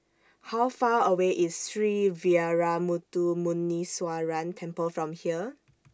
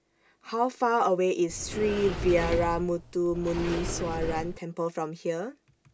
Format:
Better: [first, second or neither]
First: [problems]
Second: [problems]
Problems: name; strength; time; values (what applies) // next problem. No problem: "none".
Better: first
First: none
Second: background sound (Sliding door); 6 dB below the speech